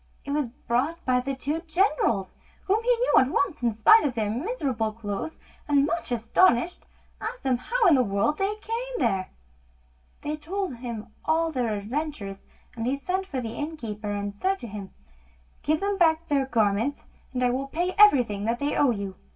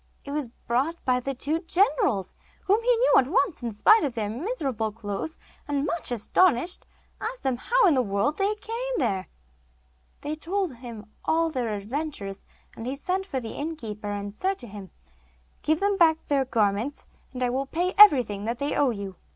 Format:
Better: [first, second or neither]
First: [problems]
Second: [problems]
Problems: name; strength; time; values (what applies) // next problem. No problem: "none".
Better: second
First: room echo; dies away in 0.2 s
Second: none